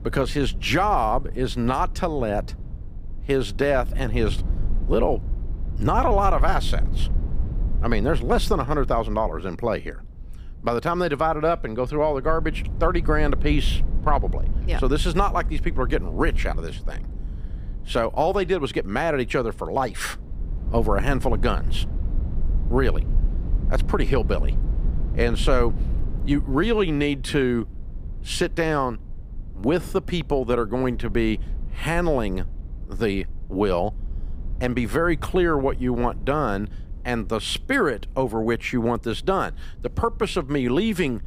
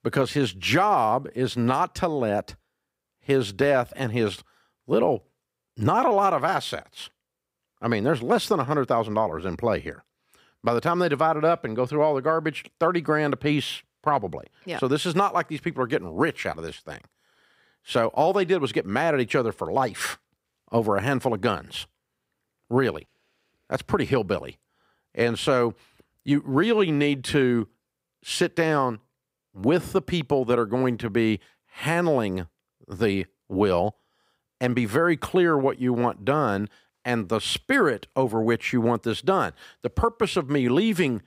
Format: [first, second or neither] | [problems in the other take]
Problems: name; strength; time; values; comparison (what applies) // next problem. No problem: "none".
second | low rumble; faint; throughout; 20 dB below the speech